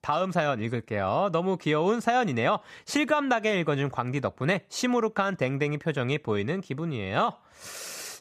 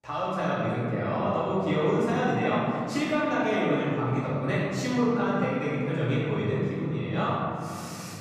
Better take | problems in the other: first | room echo; strong; dies away in 3 s // off-mic speech; far

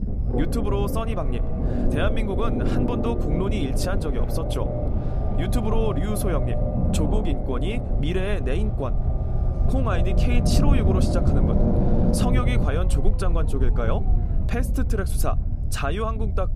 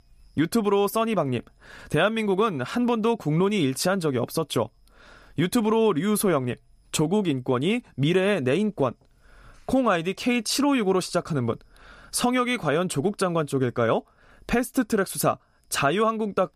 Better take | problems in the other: second | low rumble; loud; throughout; 2 dB below the speech

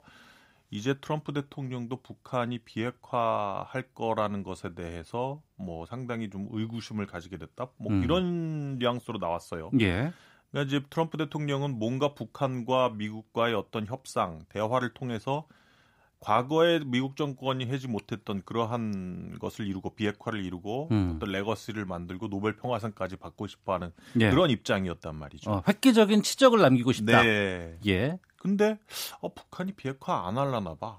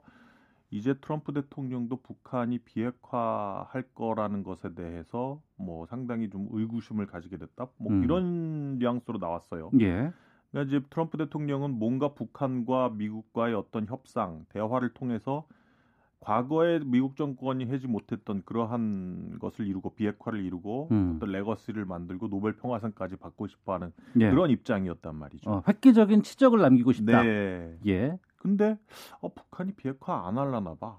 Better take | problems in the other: first | muffled; slightly; fading above 2.5 kHz

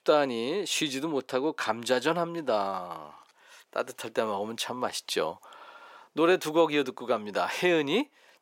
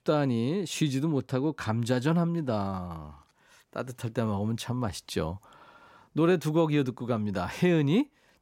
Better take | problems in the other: second | thin; somewhat; fading below 500 Hz

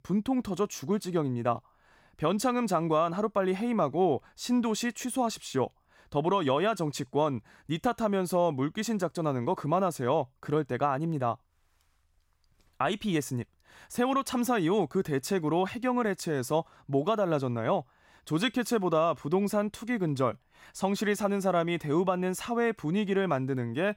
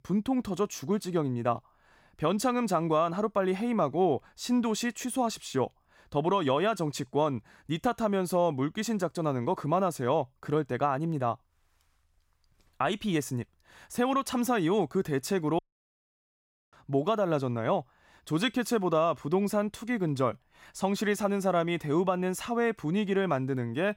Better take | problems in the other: first | audio cutting out; at 16 s for 1 s

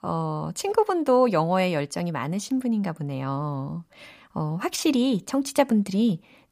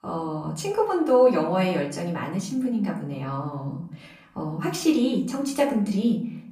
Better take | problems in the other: first | off-mic speech; far // room echo; slight; dies away in 0.5 s

